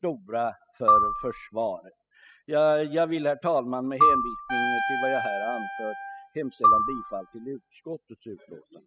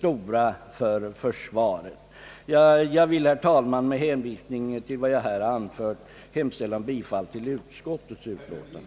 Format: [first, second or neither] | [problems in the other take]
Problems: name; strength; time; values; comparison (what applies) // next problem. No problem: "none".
second | noise reduction (classical method spectral subtraction)